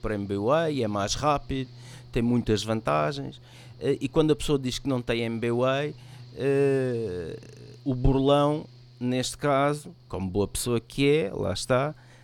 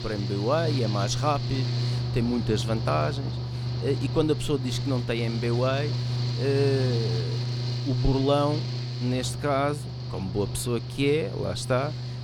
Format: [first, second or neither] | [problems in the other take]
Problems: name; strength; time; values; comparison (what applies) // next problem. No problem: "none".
first | machinery noise; loud; throughout; 2 dB below the speech; faint in the first